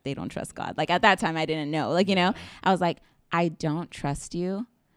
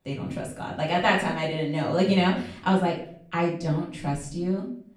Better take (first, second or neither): first